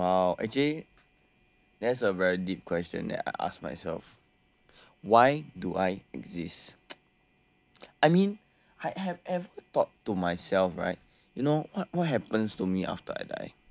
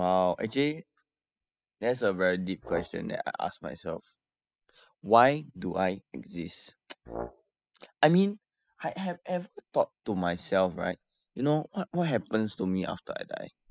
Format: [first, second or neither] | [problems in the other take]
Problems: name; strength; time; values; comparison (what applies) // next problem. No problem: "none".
first | noise reduction (classical method spectral subtraction)